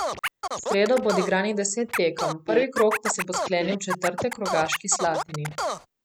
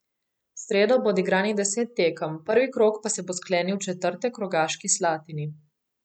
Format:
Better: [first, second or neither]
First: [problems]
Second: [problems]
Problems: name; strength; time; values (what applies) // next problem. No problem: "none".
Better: second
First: background sound (Scratching (performance technique)); 5 dB below the speech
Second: none